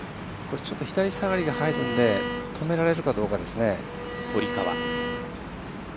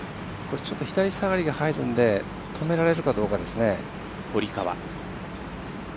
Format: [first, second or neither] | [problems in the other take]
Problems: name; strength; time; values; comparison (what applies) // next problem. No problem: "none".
second | background sound (Bowed string instrument); 6 dB below the speech